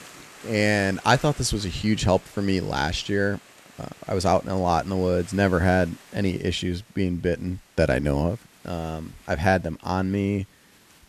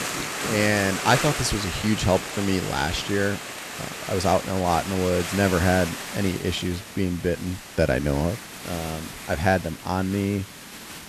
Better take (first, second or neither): first